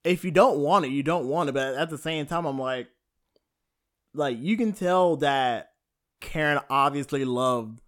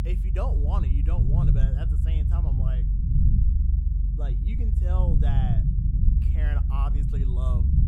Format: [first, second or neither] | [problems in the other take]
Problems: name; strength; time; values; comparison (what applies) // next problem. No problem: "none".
first | low rumble; loud; throughout; as loud as the speech